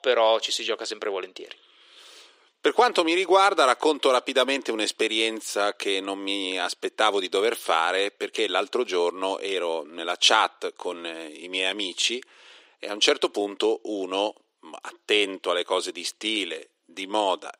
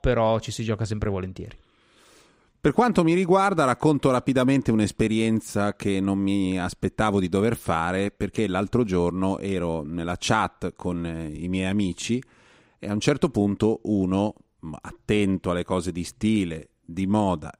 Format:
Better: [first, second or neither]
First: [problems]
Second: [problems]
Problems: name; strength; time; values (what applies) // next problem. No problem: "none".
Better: second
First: thin; very; fading below 350 Hz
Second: none